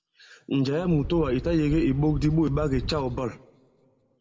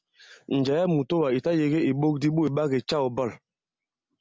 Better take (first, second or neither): second